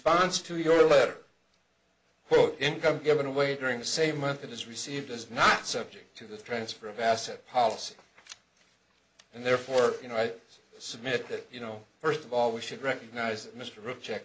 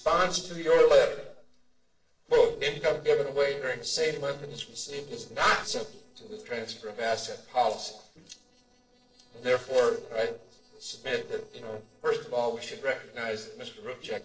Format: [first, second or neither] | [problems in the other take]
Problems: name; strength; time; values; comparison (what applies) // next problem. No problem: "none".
first | noise reduction (neural separator model SepFormer DNS4)